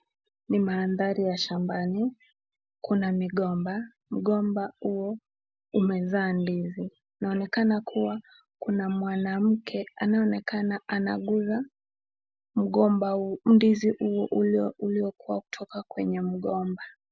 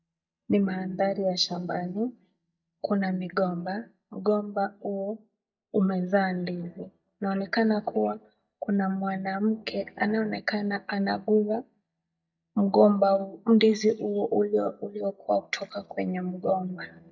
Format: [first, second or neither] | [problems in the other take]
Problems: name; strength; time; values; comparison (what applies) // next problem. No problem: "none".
first | noise reduction (neural mask model DeepFilterNet 3)